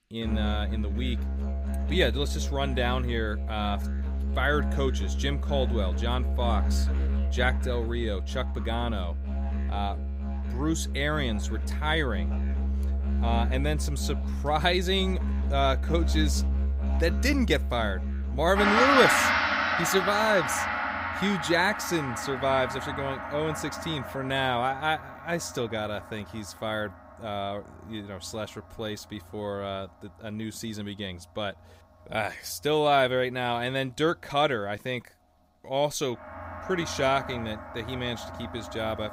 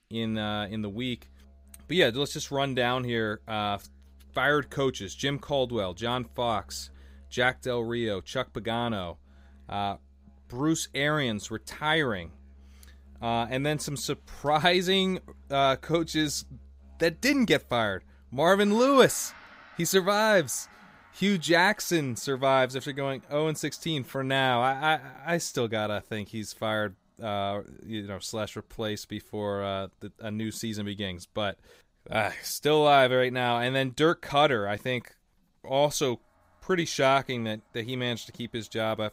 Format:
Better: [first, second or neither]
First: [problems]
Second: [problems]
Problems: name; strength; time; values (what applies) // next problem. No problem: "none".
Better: second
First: background music; loud; throughout; as loud as the speech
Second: background music; faint; throughout; 25 dB below the speech